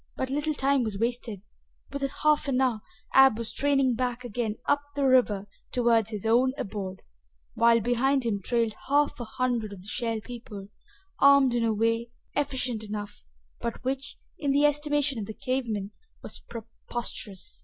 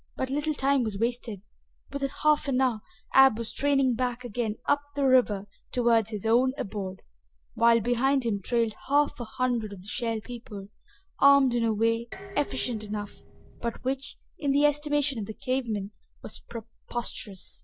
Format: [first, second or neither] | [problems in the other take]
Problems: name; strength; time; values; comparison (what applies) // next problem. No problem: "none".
first | noise reduction (neural separator model SepFormer DNS4)